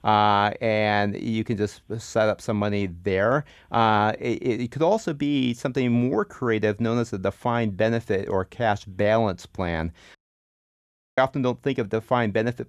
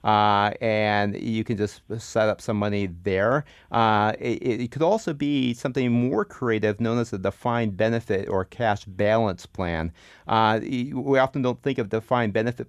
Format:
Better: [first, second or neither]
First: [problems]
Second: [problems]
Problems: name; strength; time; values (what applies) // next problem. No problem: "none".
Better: second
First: audio cutting out; at 10 s for 1 s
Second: none